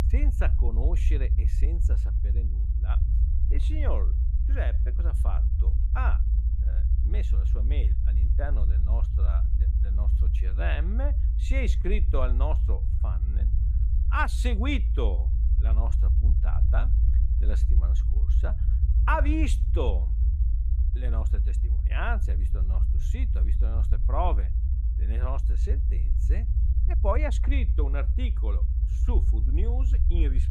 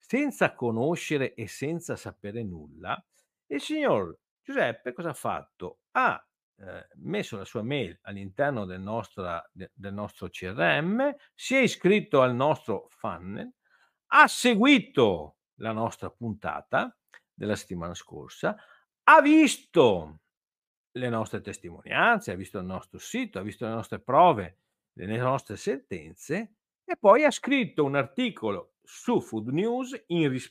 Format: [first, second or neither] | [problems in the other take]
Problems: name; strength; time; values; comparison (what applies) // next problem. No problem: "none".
second | low rumble; loud; throughout; 10 dB below the speech